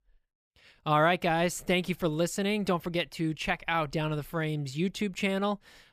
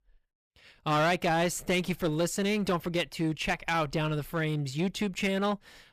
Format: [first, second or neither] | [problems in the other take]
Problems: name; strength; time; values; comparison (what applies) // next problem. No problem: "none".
first | distortion; slight; 8% of the sound clipped